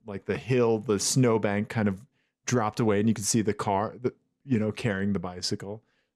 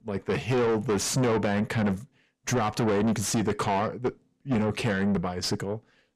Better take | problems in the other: first | distortion; heavy; 7 dB below the speech

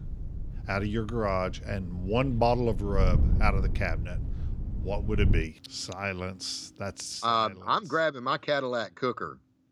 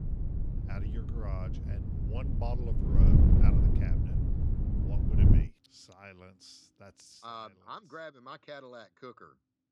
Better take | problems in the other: first | wind noise on the microphone; heavy; until 5.5 s; 4 dB above the speech; occasional gusts in the first

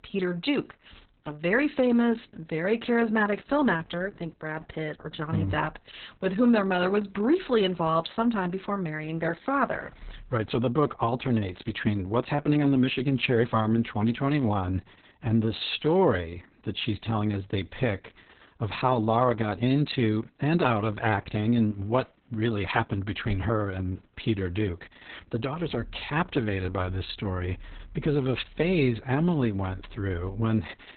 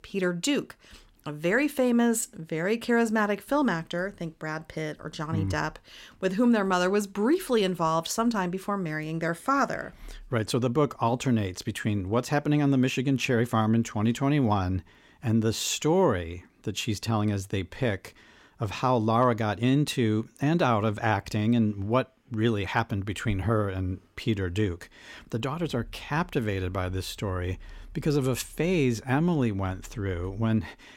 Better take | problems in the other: second | garbled, watery; badly; nothing above 4 kHz

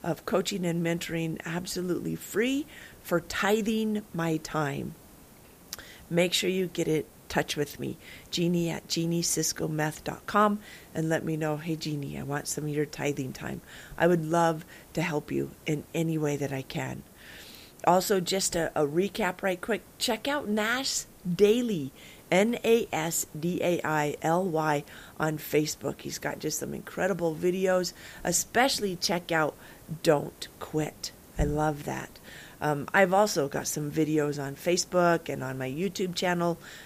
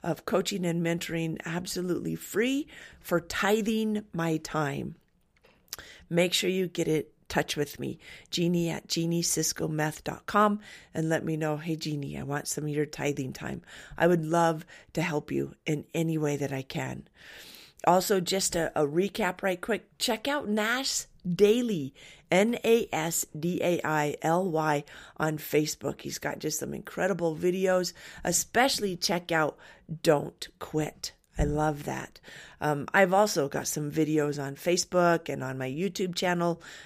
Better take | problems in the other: second | hiss; faint; throughout; 25 dB below the speech

